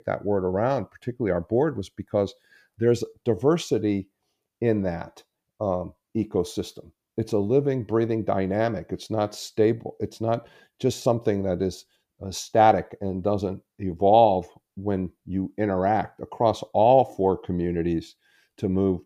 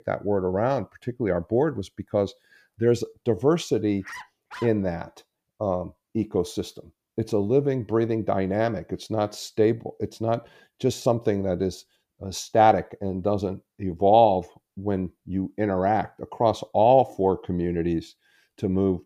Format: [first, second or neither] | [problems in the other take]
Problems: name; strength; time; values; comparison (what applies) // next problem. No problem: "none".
first | dog barking; faint; at 4 s; peak 15 dB below the speech